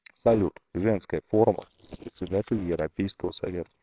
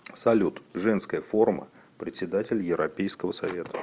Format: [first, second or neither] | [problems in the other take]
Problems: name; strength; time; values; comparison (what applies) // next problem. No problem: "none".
second | noise reduction (neural separator model SepFormer WHAMR!)